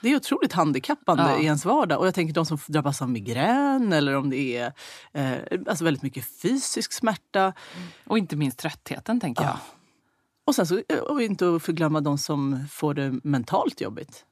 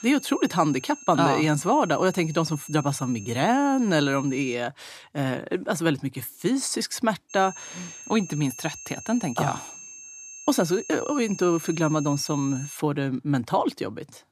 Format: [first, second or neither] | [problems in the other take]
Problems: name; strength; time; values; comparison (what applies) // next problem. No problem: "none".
first | high-pitched whine; noticeable; until 4.5 s and from 7.5 to 13 s; 6.5 kHz, 15 dB below the speech